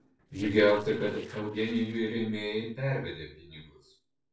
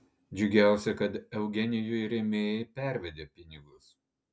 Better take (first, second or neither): second